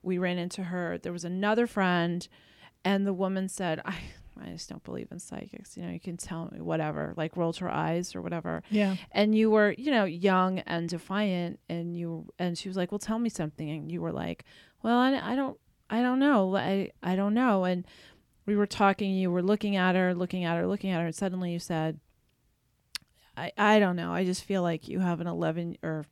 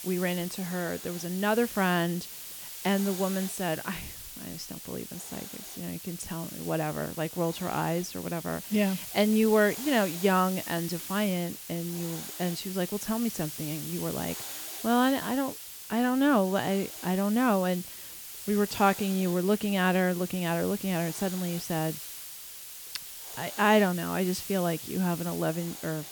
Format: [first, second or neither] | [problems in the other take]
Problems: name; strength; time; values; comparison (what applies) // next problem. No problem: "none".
first | hiss; loud; throughout; 9 dB below the speech